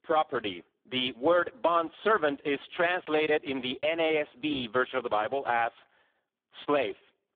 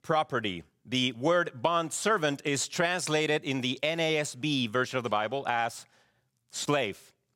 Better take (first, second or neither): second